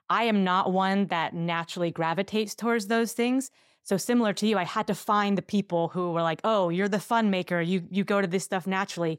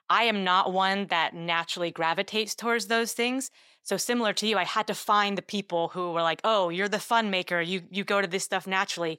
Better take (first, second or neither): first